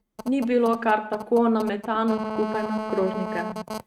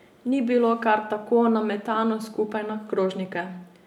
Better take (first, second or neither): second